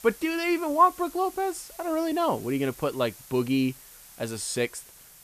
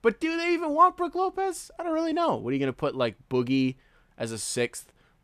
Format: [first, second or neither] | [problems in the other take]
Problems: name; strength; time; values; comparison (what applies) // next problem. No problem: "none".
second | hiss; noticeable; throughout; 20 dB below the speech